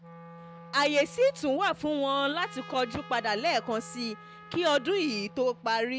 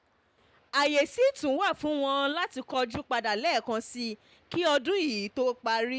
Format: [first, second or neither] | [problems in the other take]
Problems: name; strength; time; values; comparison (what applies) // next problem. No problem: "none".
second | background sound (Wind instrument, woodwind instrument + Trumpet); 18 dB below the speech